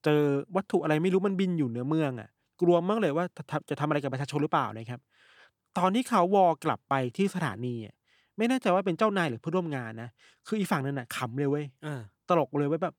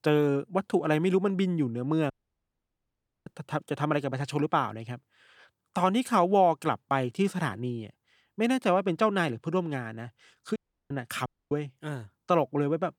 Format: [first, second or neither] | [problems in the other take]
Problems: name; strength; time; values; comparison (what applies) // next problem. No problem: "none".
first | audio cutting out; at 2 s for 1 s and at 11 s